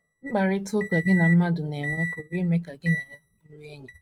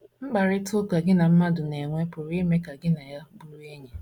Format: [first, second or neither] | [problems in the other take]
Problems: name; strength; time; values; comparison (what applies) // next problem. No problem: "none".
second | noise reduction (neural mask model RNNoise)